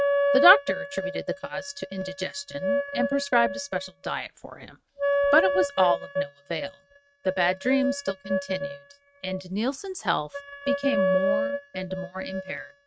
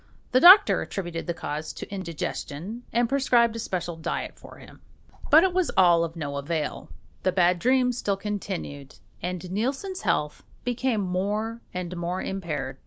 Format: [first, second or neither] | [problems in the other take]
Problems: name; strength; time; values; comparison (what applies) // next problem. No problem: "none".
second | noise reduction (neural mask model RNNoise)